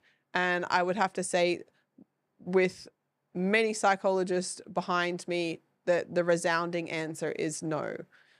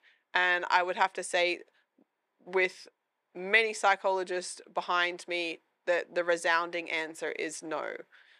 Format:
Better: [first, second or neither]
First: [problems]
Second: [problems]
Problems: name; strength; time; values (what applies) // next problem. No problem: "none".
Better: first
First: none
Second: thin; very; fading below 400 Hz